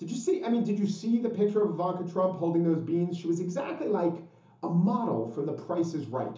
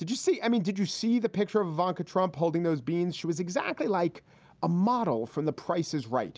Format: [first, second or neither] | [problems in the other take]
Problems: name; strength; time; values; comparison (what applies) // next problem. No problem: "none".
second | room echo; dies away in 0.8 s